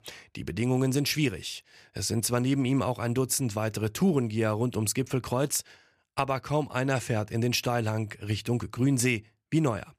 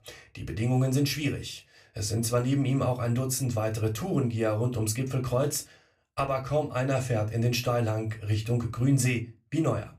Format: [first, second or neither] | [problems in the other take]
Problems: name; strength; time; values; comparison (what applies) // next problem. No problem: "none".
first | off-mic speech; somewhat distant // room echo; very slight; dies away in 0.2 s